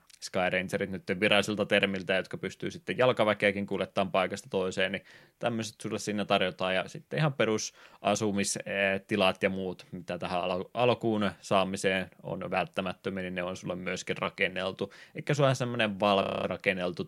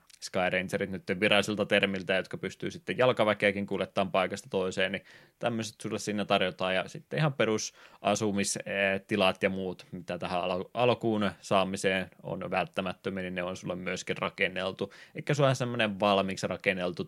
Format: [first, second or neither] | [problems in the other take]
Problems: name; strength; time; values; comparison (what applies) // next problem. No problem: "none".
second | audio freezing; at 16 s